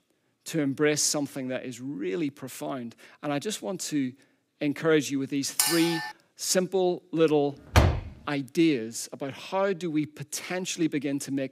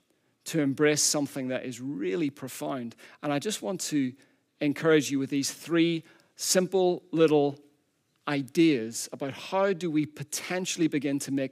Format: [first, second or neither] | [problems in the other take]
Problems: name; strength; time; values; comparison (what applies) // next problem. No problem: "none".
second | clattering dishes; loud; at 5.5 s; peak 4 dB above the speech // door banging; loud; at 8 s; peak 5 dB above the speech